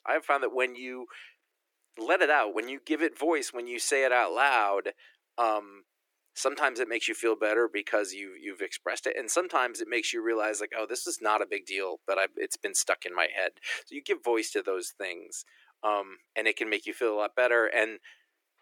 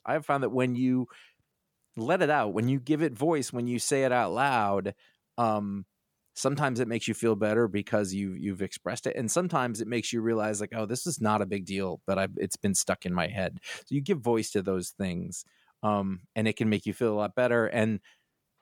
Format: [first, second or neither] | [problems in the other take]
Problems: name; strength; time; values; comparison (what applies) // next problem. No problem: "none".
second | thin; very; fading below 300 Hz